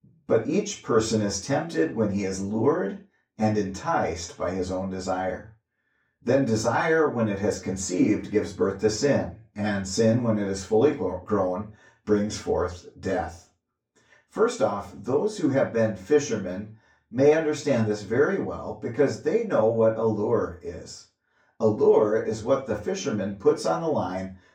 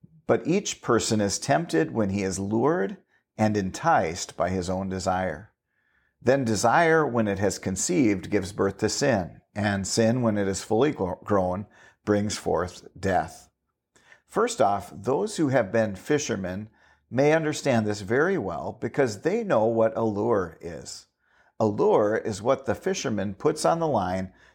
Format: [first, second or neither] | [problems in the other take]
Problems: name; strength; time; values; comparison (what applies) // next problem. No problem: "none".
second | room echo; slight; dies away in 0.2 s // off-mic speech; far